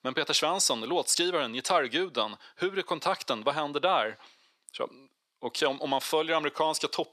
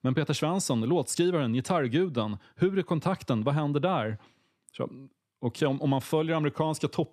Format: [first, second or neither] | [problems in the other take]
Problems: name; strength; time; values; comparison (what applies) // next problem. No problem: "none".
second | thin; very; fading below 600 Hz